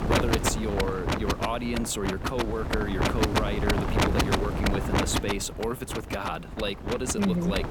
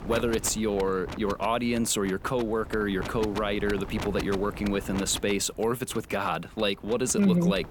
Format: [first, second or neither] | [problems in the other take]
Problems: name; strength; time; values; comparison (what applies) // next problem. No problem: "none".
second | wind noise on the microphone; heavy; 2 dB above the speech; occasional gusts in the second